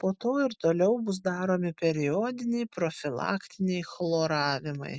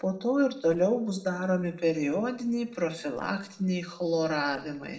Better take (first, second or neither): first